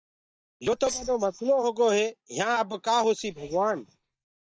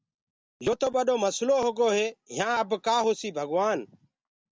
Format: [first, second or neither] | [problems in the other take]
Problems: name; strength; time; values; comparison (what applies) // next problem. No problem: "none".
second | noise reduction (neural mask model DeepFilterNet 3)